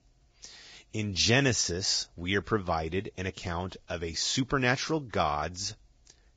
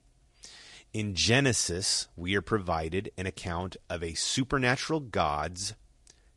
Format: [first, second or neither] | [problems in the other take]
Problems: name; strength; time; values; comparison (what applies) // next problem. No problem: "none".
second | garbled, watery; badly; nothing above 7.5 kHz; slightly in the second